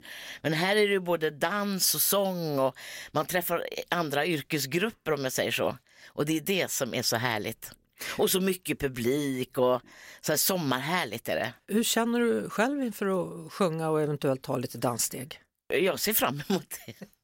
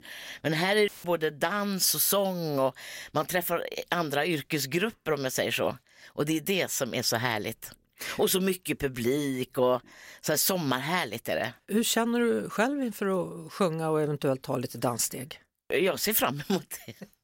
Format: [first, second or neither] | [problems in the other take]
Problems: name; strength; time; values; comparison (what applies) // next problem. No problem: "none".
first | audio cutting out; filled with static; at 1 s